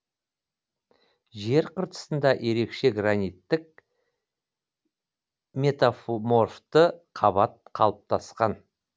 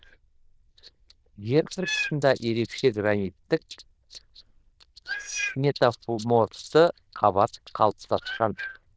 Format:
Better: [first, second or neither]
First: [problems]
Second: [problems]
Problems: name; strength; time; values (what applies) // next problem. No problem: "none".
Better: first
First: none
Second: noise reduction (neural diffusion model UNIVERSE++)